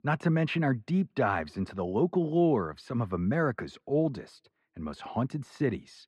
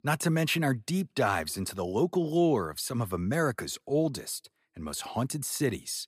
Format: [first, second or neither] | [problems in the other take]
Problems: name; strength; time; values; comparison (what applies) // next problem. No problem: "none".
second | muffled; very; fading above 2 kHz